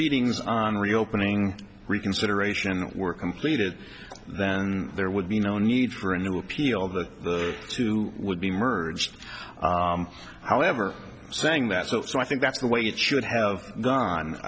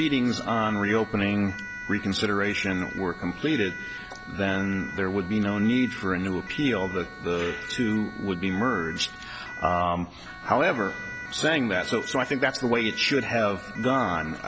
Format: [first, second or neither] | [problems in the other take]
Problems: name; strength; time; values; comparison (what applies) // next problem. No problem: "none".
first | background sound (Siren); 12 dB below the speech